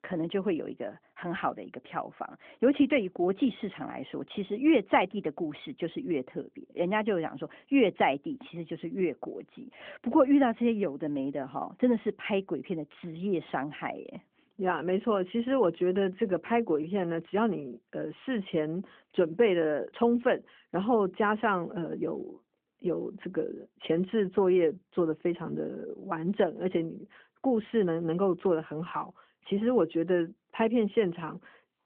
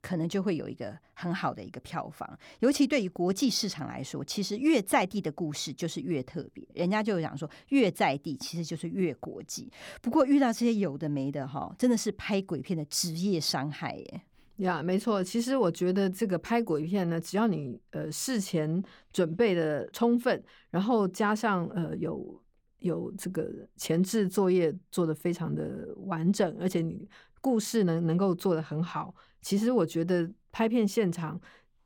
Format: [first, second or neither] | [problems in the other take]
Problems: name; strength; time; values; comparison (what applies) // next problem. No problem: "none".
second | phone-call audio